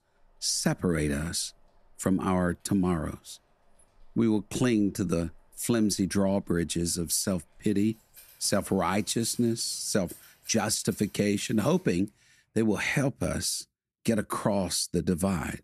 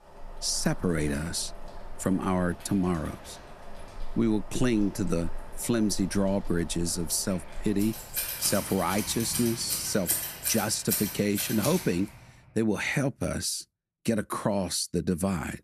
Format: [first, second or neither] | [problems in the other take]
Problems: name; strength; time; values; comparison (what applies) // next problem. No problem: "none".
first | household noises; loud; until 12 s; 6 dB below the speech; faint in the first